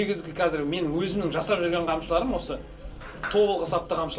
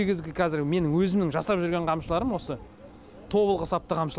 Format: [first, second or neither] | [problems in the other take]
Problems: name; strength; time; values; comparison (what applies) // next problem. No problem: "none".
second | background sound (Sliding door); 15 dB below the speech // room echo; dies away in 0.2 s